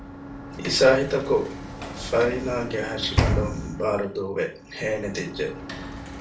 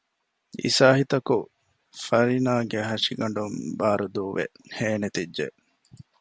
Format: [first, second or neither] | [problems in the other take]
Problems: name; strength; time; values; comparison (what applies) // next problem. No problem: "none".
second | background sound (Sliding door / Slam); 5 dB below the speech // room echo; dies away in 0.3 s